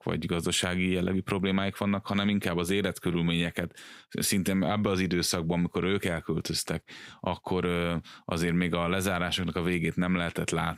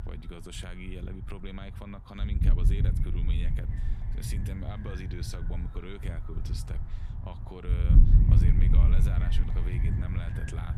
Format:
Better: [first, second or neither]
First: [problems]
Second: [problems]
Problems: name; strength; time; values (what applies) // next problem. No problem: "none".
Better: first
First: none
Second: wind noise on the microphone; heavy; 1 dB above the speech